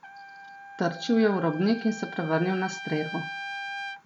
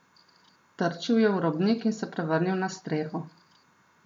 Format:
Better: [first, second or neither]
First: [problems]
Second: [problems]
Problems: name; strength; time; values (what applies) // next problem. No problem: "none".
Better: second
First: background sound (Trumpet); 11 dB below the speech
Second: none